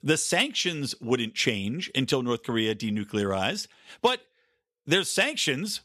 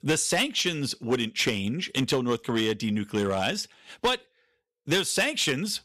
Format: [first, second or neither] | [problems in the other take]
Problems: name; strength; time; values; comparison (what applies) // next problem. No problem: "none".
first | distortion; slight; 4% of the sound clipped